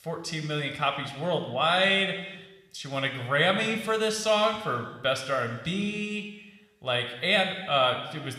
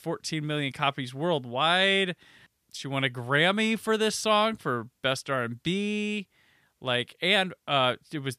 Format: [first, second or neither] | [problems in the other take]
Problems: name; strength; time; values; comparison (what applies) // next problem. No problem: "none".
second | room echo; slight; dies away in 1.1 s